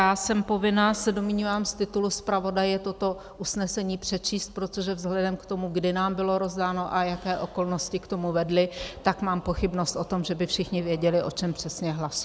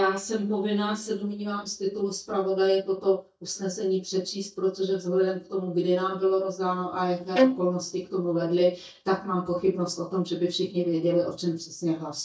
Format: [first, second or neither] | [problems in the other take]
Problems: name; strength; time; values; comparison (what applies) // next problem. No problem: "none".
first | noise reduction (neural mask model DeepFilterNet 3)